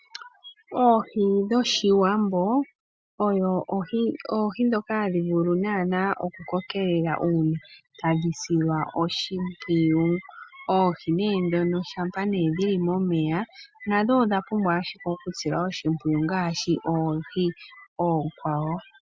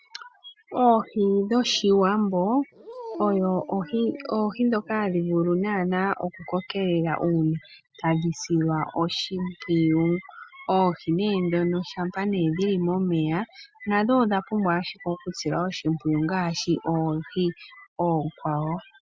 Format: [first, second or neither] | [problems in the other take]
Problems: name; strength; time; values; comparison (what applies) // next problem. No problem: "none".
first | background sound (Dog); 16 dB below the speech